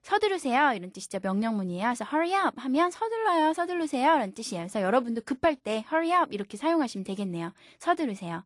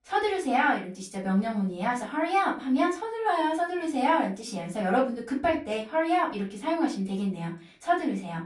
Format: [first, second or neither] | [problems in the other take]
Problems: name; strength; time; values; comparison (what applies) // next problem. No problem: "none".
first | off-mic speech; far // room echo; slight; dies away in 0.3 s